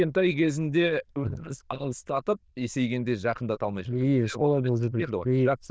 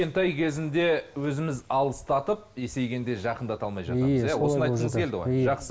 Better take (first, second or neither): second